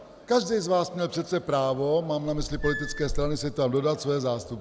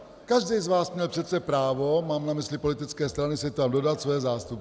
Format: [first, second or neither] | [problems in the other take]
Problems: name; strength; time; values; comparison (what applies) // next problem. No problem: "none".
second | background sound (Squeak / Screech); 5 dB below the speech